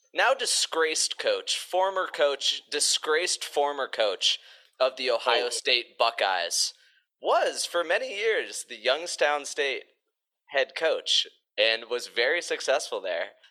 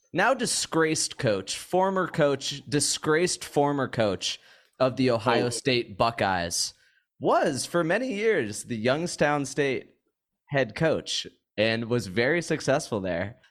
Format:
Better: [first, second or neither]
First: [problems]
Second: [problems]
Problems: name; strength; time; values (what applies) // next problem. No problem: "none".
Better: second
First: thin; very; fading below 500 Hz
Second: none